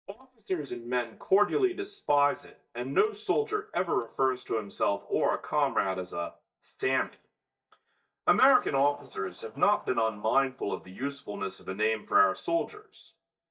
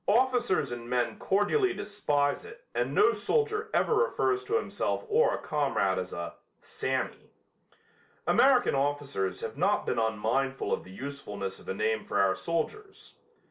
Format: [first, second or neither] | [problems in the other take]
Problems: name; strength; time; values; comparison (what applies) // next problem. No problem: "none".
second | noise reduction (neural mask model DeepFilterNet 3)